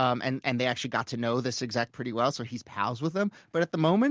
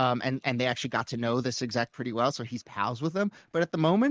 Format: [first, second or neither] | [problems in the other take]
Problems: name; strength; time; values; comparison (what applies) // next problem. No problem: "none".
first | noise reduction (neural mask model Resemble Enhance denoiser)